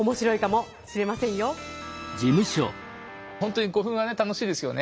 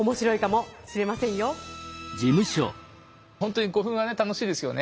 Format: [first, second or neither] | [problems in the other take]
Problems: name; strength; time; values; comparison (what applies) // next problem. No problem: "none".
second | background sound (Guitar); 15 dB below the speech